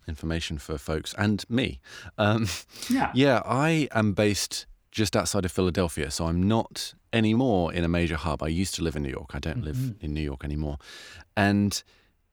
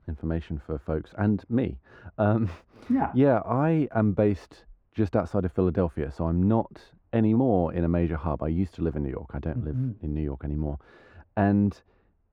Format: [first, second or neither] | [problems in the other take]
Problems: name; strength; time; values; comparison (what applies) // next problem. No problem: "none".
first | muffled; very; fading above 2.5 kHz